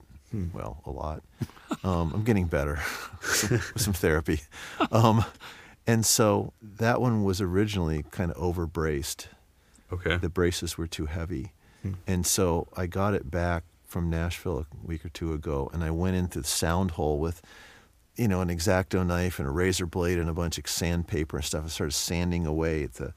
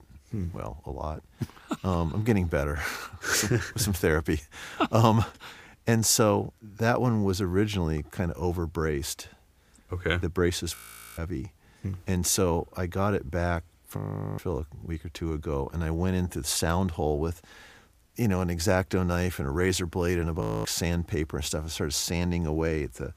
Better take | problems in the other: first | audio freezing; at 11 s, at 14 s and at 20 s

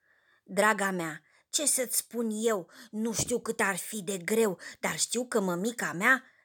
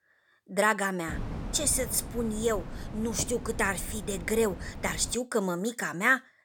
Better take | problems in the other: first | wind noise on the microphone; occasional gusts; from 1 to 5 s; 15 dB below the speech

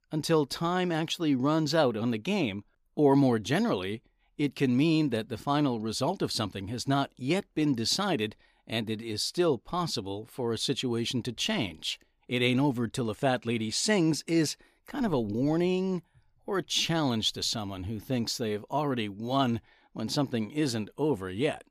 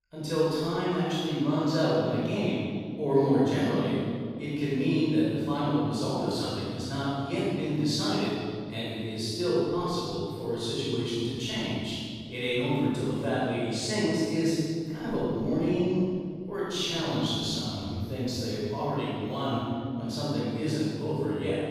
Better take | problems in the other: first | off-mic speech; far // room echo; strong; dies away in 2.2 s

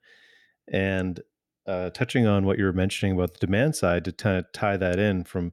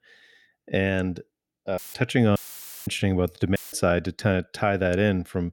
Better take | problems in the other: first | audio cutting out; filled with static; at 2 s, at 2.5 s for 0.5 s and at 3.5 s

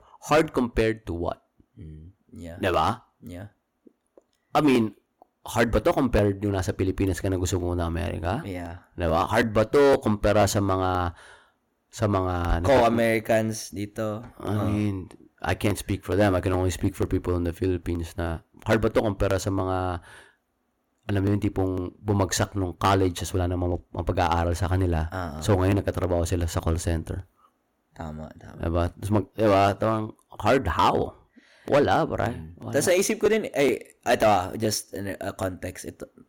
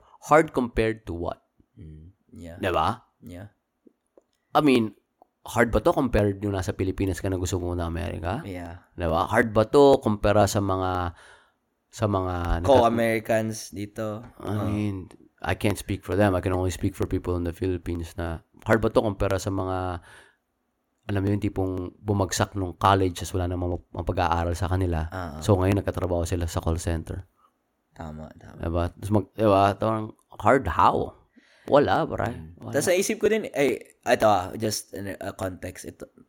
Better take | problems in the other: second | distortion; slight; 3% of the sound clipped

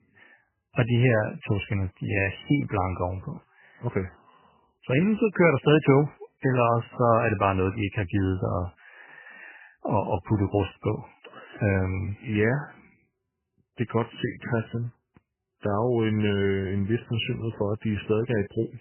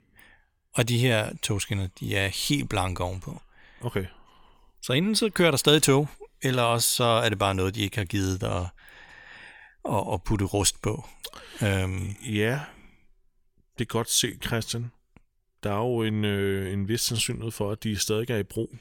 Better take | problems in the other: second | garbled, watery; badly; nothing above 3 kHz

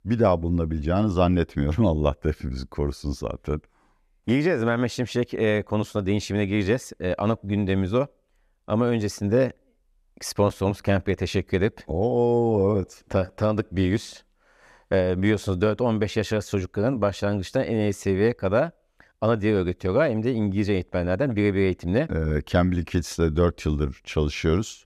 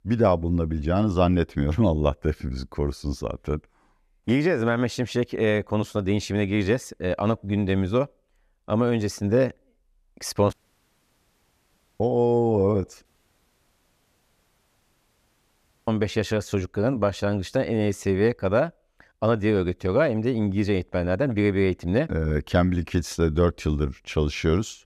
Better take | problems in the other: first | audio cutting out; at 11 s for 1.5 s and at 13 s for 3 s

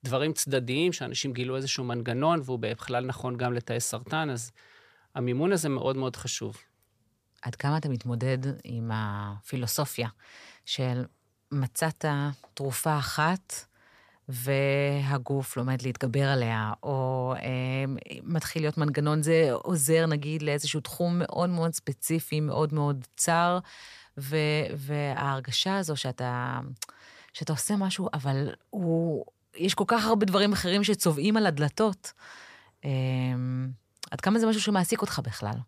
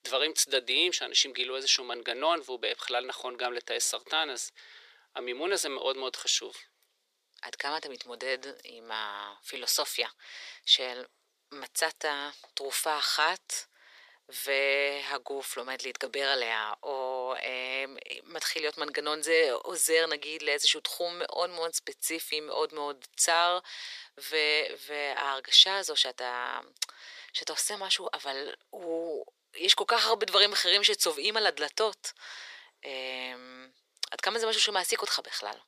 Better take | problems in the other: first | thin; very; fading below 350 Hz

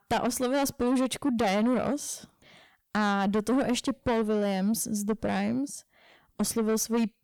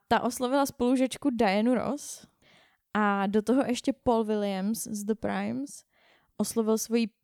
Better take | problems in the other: second | distortion; heavy; 7 dB below the speech

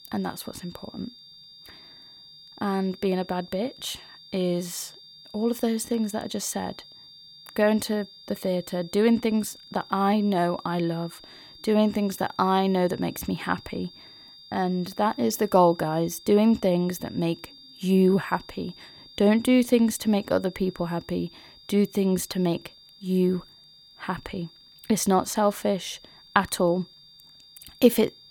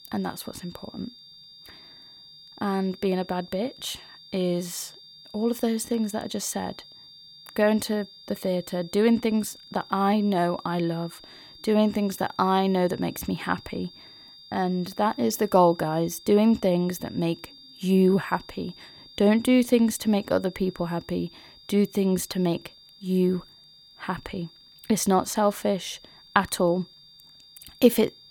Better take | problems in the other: neither | high-pitched whine; faint; throughout; 4.5 kHz, 20 dB below the speech; the same in both

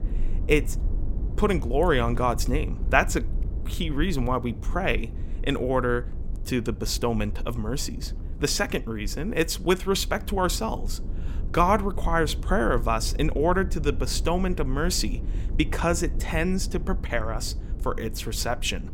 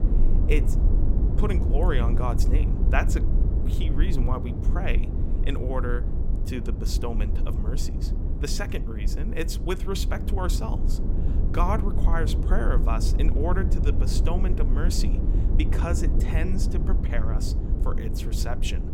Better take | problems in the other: first | low rumble; loud; throughout; 6 dB below the speech; faint in the first

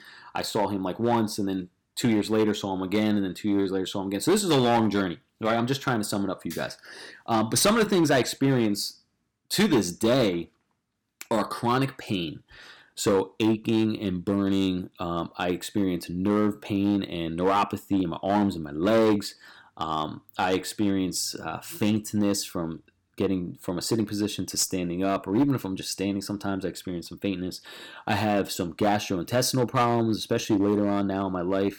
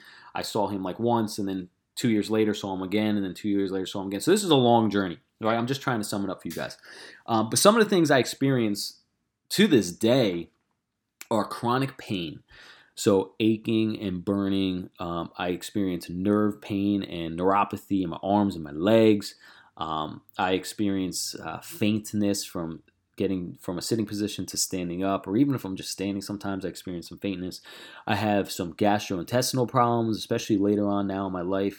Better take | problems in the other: second | distortion; slight; 5% of the sound clipped

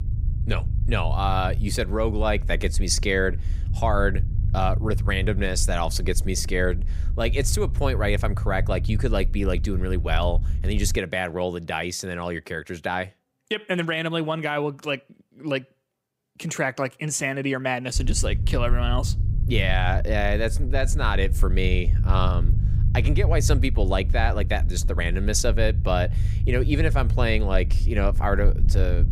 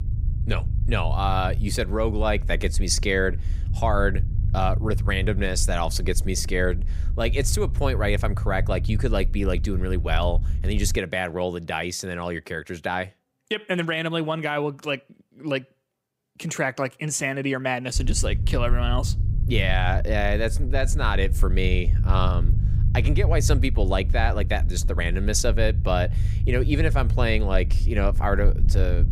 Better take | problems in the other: neither | low rumble; noticeable; until 11 s and from 18 s on; 15 dB below the speech; the same in both

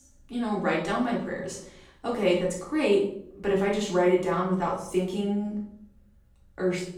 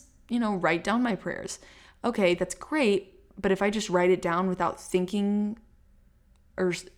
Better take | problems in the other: second | room echo; noticeable; dies away in 0.5 s // off-mic speech; far

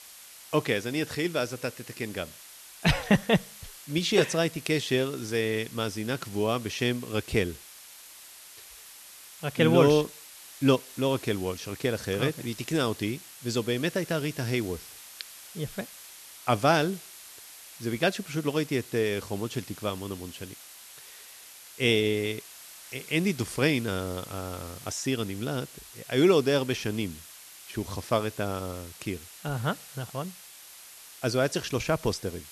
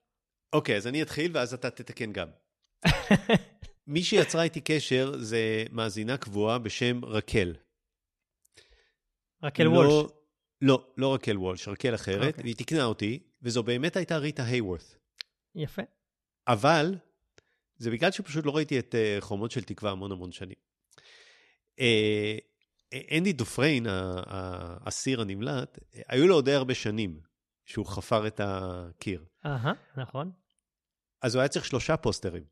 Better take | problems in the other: second | hiss; noticeable; throughout; 15 dB below the speech

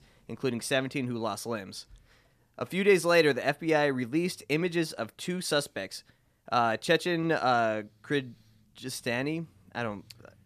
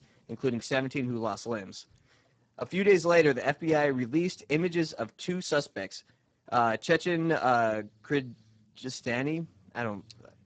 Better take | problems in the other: first | garbled, watery; badly; nothing above 7.5 kHz

